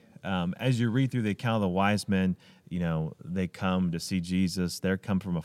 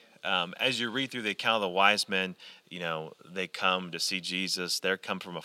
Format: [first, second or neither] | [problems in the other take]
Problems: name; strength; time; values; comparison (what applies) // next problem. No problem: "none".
first | thin; very; fading below 450 Hz